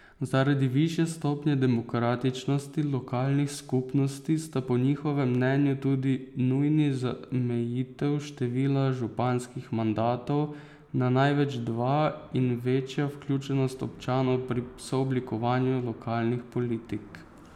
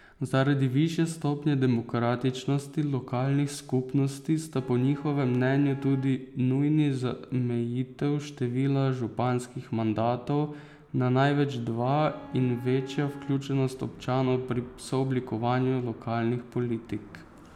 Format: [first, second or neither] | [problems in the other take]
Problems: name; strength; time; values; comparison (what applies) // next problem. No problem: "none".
first | background sound (Bowed string instrument); 17 dB below the speech